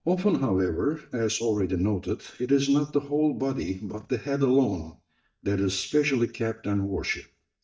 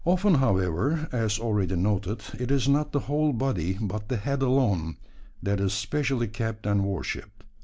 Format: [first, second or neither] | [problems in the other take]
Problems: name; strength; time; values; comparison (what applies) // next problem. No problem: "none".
second | noise reduction (neural mask model DeepFilterNet 3)